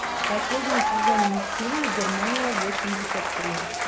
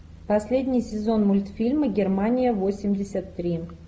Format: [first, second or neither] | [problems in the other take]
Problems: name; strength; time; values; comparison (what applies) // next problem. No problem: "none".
second | background sound (Applause / Crowd / Cheering); 5 dB above the speech